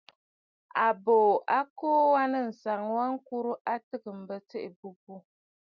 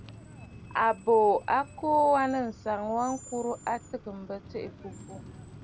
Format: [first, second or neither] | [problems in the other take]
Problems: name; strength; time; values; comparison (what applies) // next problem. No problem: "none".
first | background sound (Screech); 18 dB below the speech